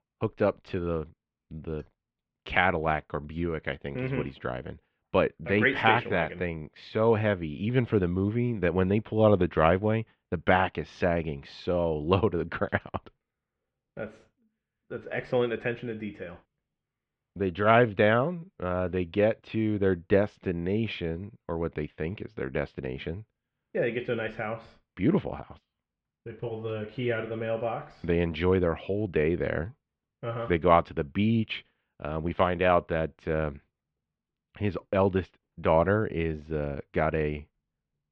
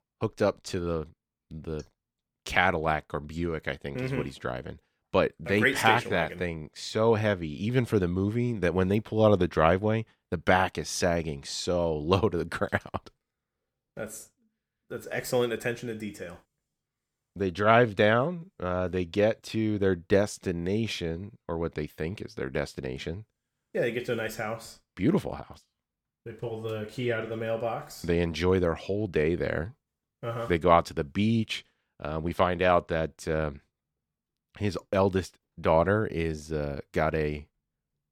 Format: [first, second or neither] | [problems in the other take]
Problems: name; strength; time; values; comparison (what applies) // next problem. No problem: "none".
second | muffled; very; fading above 3 kHz